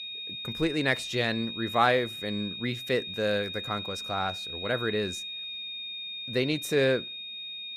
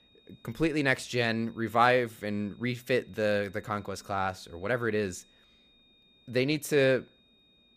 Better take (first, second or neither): second